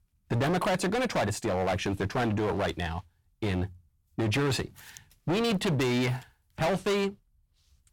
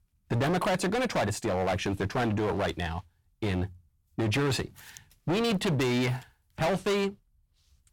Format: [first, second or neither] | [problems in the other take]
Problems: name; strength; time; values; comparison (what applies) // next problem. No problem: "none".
neither | distortion; heavy; 18% of the sound clipped; the same in both